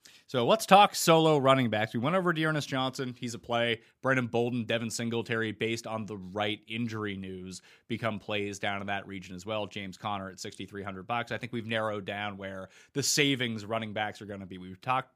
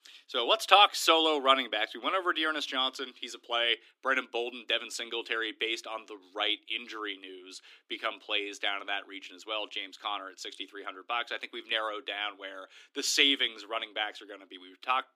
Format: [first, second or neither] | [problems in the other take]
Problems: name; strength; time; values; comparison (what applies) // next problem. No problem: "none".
first | thin; somewhat; fading below 250 Hz